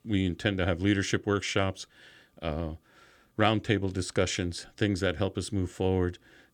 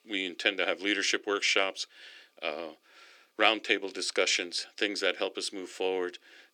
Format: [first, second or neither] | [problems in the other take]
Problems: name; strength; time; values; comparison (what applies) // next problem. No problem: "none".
first | thin; very; fading below 350 Hz